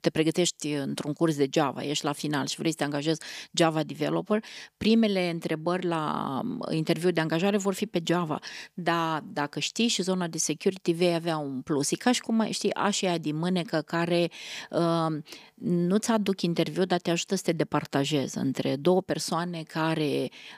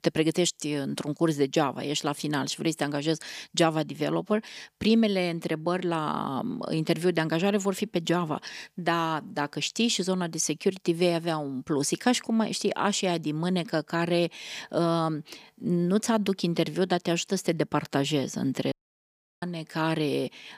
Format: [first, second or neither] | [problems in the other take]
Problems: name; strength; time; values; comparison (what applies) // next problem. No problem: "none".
first | audio cutting out; at 19 s for 0.5 s